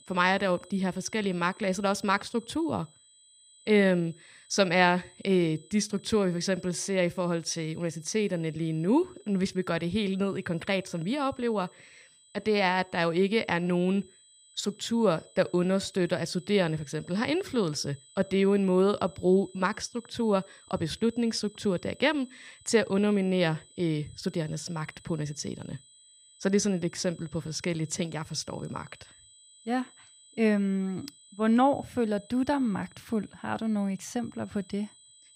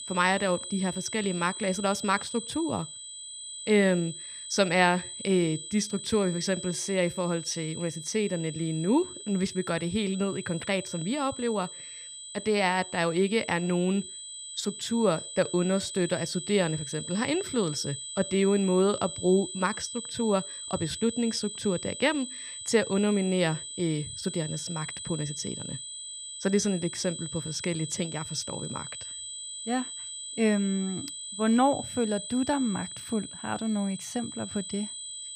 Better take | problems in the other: first | high-pitched whine; loud; throughout; 8 kHz, 8 dB below the speech; faint in the first

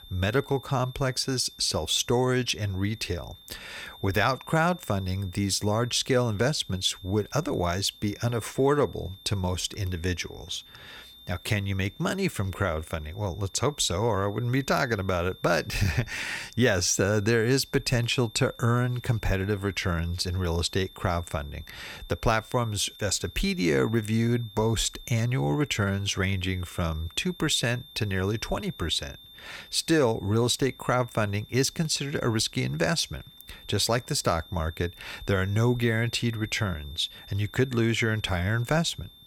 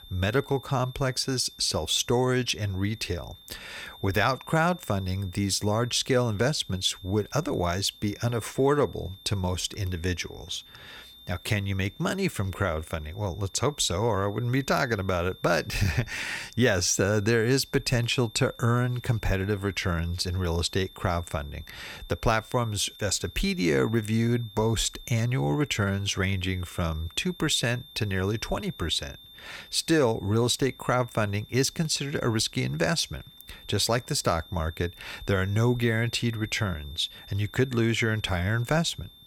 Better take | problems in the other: neither | high-pitched whine; faint; throughout; 3.5 kHz, 20 dB below the speech; the same in both

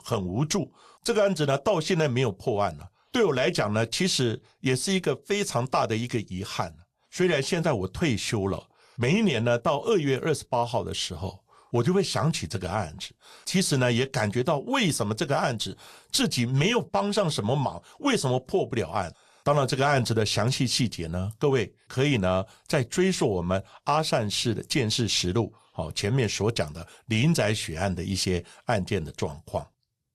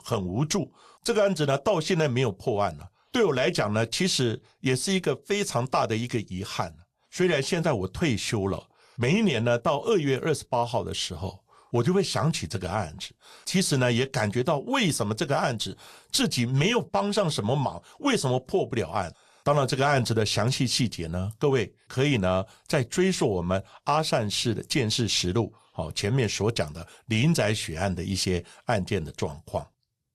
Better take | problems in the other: neither | garbled, watery; slightly; nothing above 12.5 kHz; the same in both

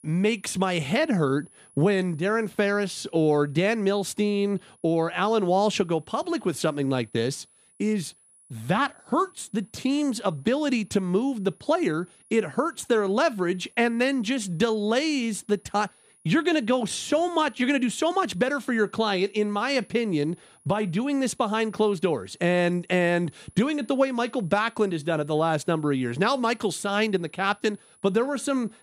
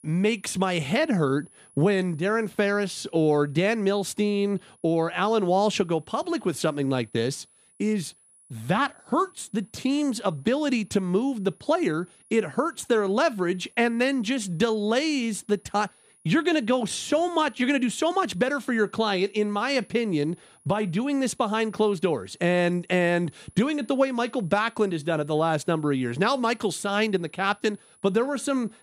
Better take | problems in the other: neither | high-pitched whine; faint; throughout; 10 kHz, 30 dB below the speech; the same in both

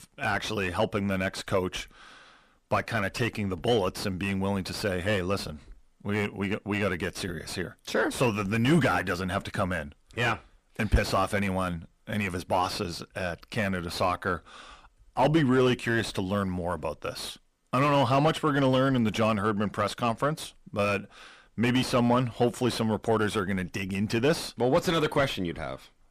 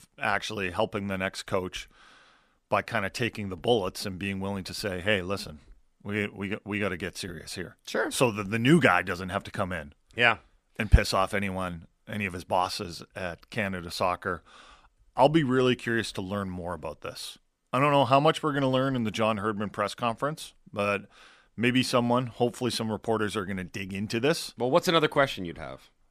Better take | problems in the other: second | distortion; heavy; 6 dB below the speech

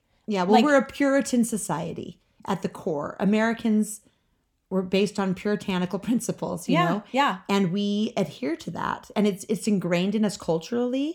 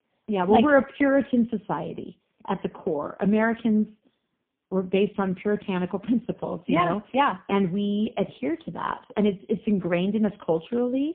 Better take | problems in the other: first | phone-call audio; poor line; nothing above 3 kHz

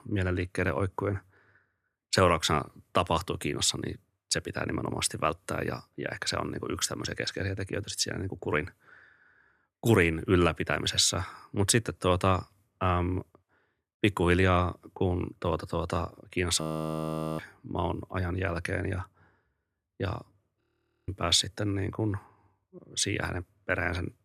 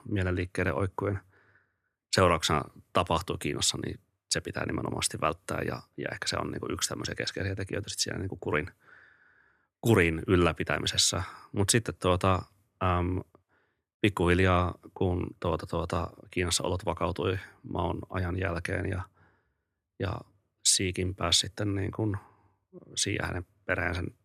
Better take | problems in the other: second | audio freezing; at 17 s for 1 s and at 21 s

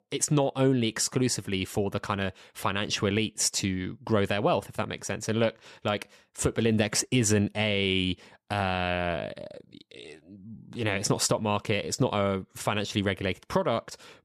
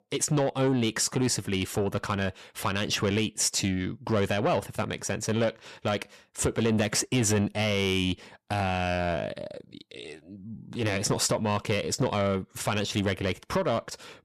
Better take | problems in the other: first | distortion; slight; 10 dB below the speech

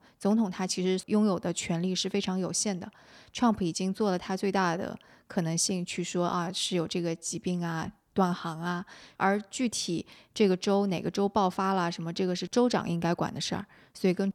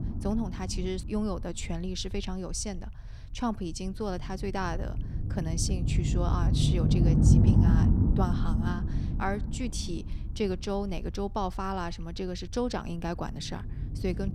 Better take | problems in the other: first | low rumble; loud; throughout; 2 dB below the speech

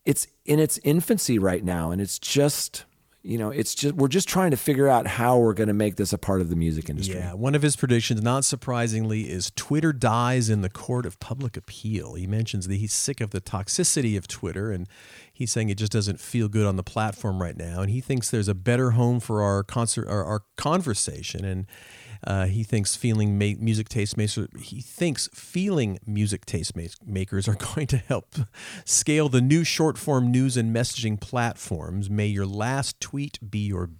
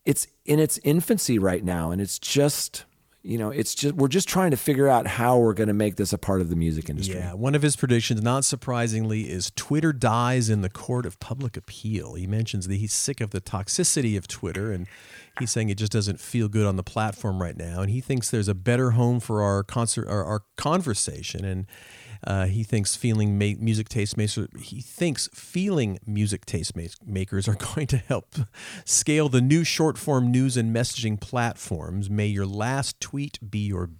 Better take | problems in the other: first | clattering dishes; faint; at 15 s; peak 15 dB below the speech

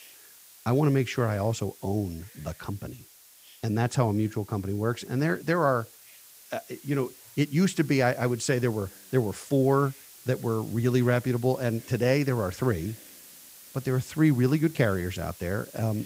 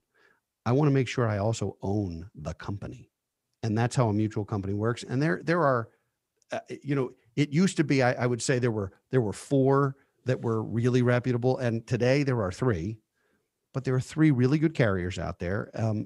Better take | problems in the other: second | hiss; faint; throughout; 20 dB below the speech

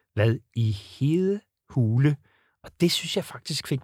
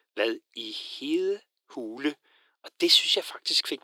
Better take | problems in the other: first | thin; very; fading below 300 Hz

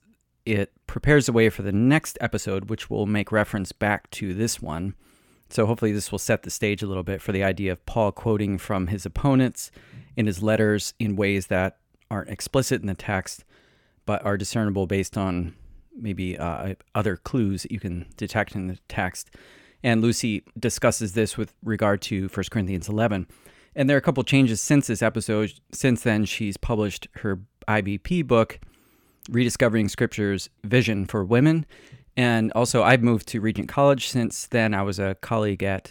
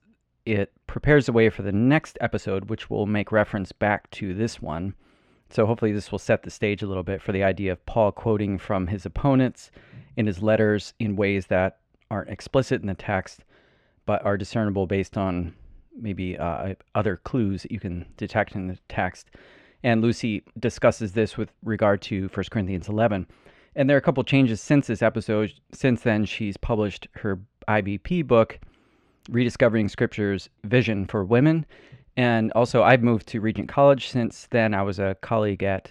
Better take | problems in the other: first | muffled; slightly; fading above 4 kHz

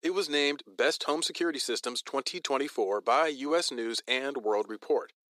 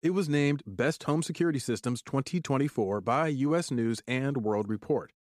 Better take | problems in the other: second | thin; somewhat; fading below 350 Hz

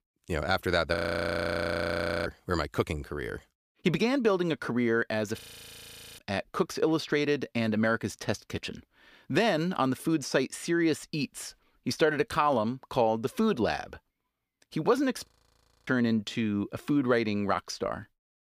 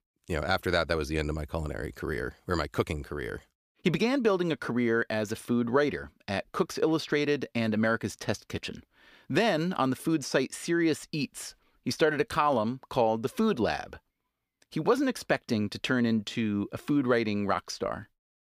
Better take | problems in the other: second | audio freezing; at 1 s for 1.5 s, at 5.5 s for 1 s and at 15 s for 0.5 s

